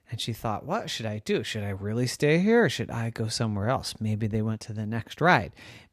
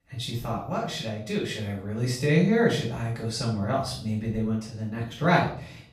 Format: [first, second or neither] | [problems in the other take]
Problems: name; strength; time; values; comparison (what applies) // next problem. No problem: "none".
first | off-mic speech; far // room echo; noticeable; dies away in 0.4 s